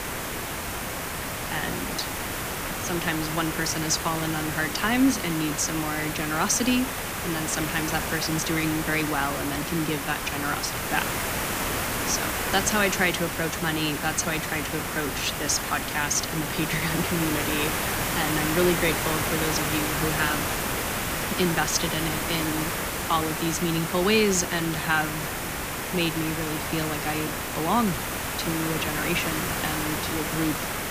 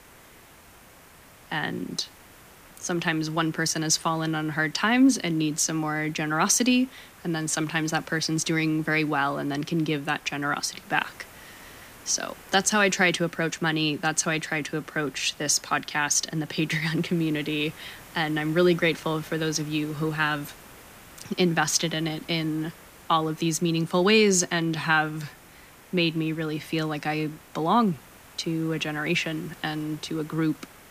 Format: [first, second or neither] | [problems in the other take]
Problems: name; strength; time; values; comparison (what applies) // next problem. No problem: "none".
second | hiss; loud; throughout; 1 dB below the speech; faint in the second